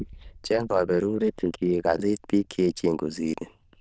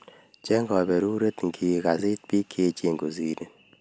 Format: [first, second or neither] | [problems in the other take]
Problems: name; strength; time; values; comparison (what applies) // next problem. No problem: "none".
second | noise reduction (neural diffusion model UNIVERSE++)